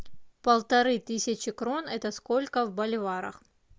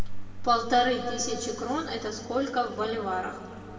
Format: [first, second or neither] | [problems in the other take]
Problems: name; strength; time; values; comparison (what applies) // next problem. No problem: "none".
first | background sound (Engine); 18 dB below the speech // room echo; dies away in 2.1 s